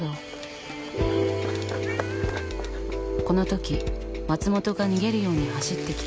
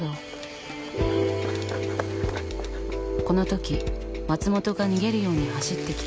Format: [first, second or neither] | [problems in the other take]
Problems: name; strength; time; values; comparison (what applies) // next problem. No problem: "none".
second | background sound (Cat); 16 dB below the speech